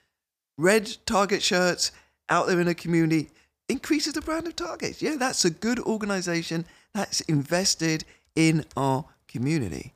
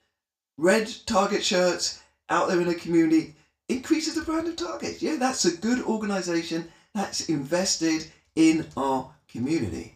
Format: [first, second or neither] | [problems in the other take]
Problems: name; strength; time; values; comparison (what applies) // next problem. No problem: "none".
first | room echo; very slight; dies away in 0.3 s // off-mic speech; far